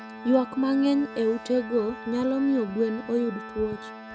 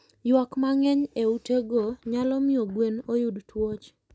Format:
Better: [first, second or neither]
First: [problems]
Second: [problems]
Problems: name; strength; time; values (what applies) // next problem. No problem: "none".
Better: second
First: background sound (Organ); 14 dB below the speech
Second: none